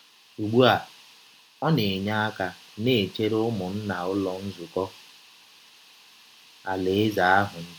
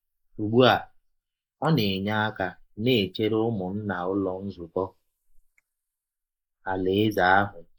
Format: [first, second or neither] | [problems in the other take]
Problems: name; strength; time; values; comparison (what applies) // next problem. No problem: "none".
first | noise reduction (neural mask model Resemble Enhance denoiser)